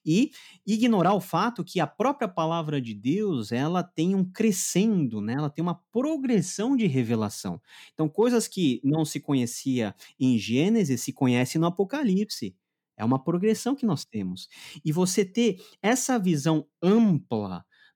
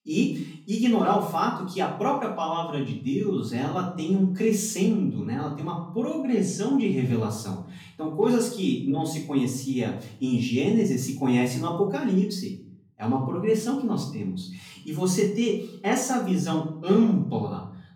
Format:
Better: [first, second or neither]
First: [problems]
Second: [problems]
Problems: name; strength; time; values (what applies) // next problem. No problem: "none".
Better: first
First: none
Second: off-mic speech; far // room echo; slight; dies away in 0.5 s